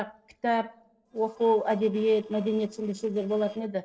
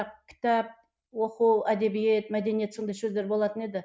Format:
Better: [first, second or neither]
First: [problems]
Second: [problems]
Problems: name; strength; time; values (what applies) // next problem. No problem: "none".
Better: second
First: noise reduction (neural separator model SepFormer DNS4)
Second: none